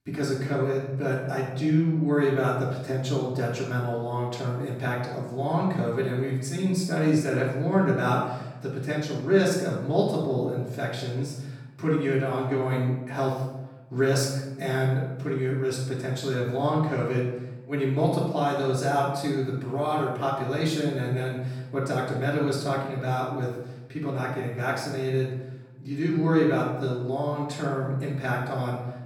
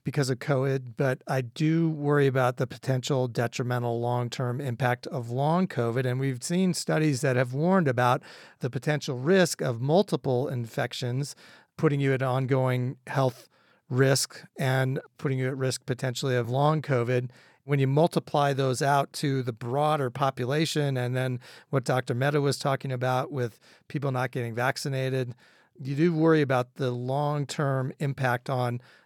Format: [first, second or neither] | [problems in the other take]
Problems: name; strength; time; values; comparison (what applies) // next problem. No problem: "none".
second | off-mic speech; far // room echo; noticeable; dies away in 0.9 s